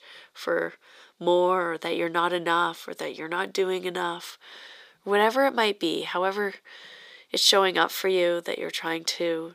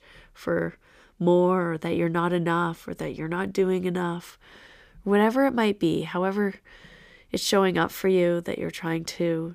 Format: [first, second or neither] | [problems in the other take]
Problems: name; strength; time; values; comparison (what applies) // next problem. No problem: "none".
second | thin; somewhat; fading below 450 Hz